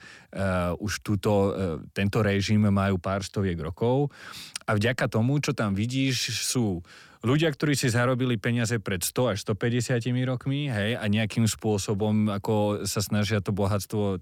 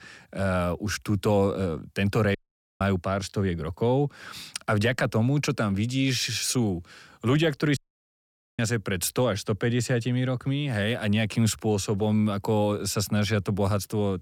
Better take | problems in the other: first | audio cutting out; at 2.5 s and at 8 s for 1 s

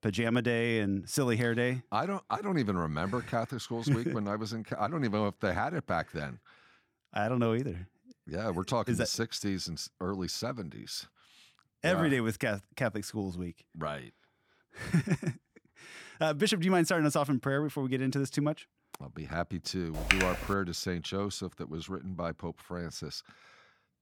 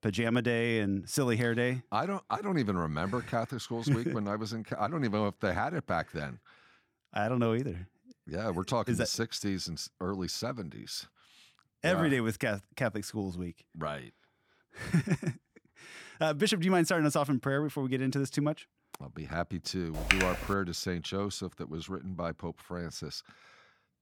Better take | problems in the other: neither | keyboard typing; loud; at 20 s; peak 5 dB above the speech; the same in both

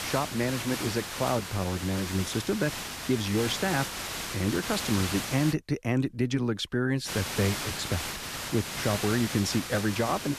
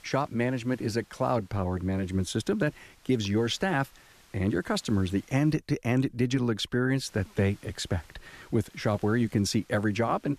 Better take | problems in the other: second | hiss; loud; until 5.5 s and from 7 s on; 4 dB below the speech; faint in the second

